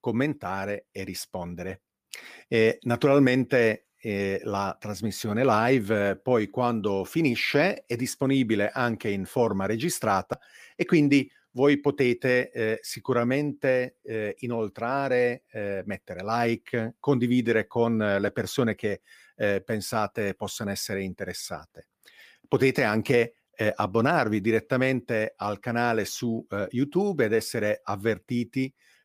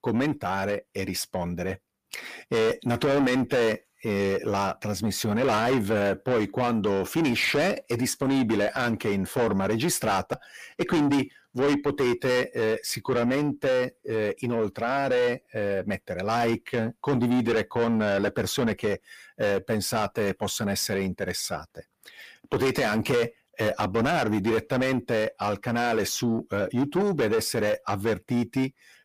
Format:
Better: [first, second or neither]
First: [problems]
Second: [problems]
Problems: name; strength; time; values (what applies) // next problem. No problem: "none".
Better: first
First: none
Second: distortion; heavy; 7 dB below the speech